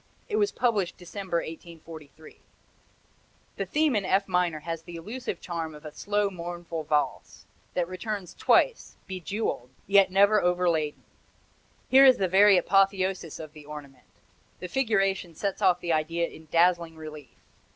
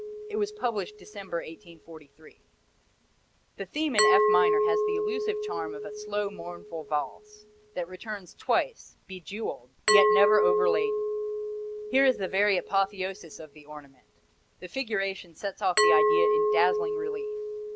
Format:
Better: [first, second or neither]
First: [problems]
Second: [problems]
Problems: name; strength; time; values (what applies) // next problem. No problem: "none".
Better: first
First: none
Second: background sound (Glass); 2 dB above the speech